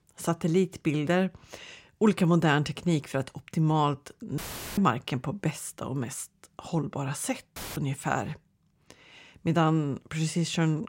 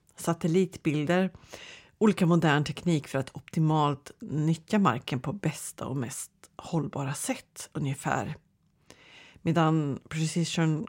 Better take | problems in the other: second | audio cutting out; filled with static; at 4.5 s and at 7.5 s

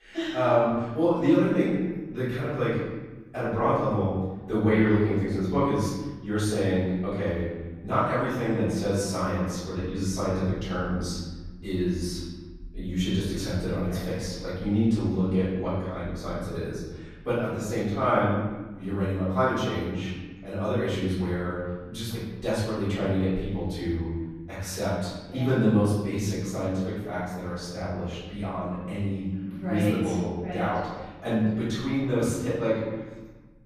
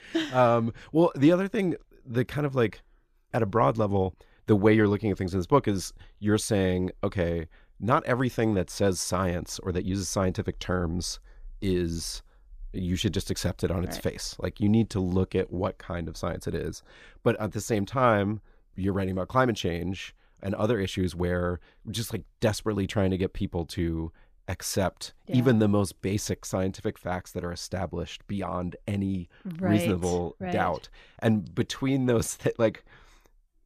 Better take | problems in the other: second | room echo; strong; dies away in 1.2 s // off-mic speech; far

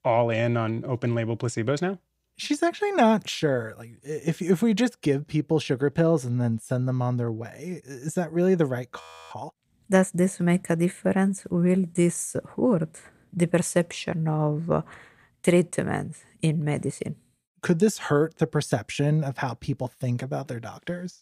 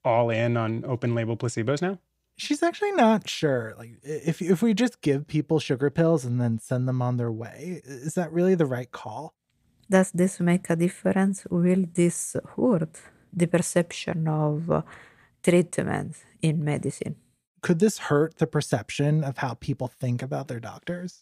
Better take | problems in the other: second | audio freezing; at 9 s

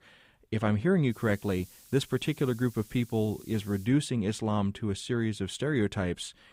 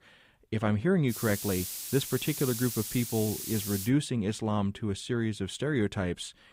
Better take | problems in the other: first | hiss; loud; from 1 to 4 s; 5 dB below the speech; faint in the first

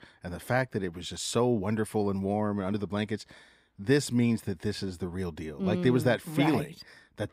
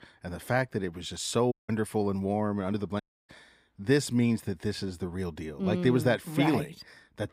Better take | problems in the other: first | audio cutting out; at 1.5 s and at 3 s

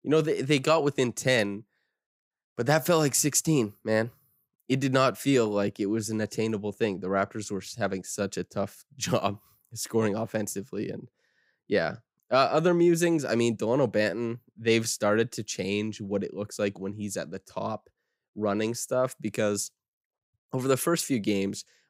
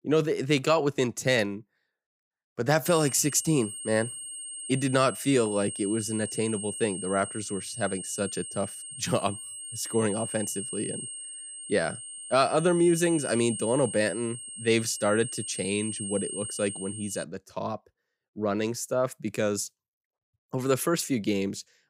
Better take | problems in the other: first | high-pitched whine; loud; from 3 to 17 s; 8.5 kHz, 8 dB below the speech

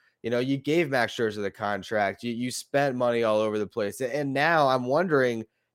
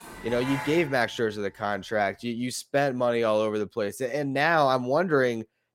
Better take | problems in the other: first | clattering dishes; noticeable; until 1 s; peak 8 dB below the speech

